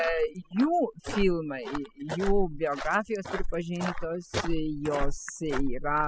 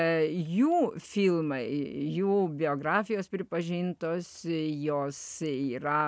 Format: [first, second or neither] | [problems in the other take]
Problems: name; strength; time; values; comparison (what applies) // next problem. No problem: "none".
second | noise reduction (classical method spectral subtraction)